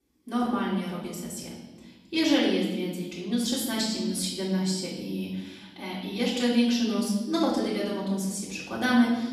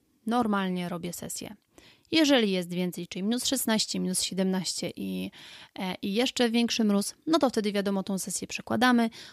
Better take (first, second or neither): second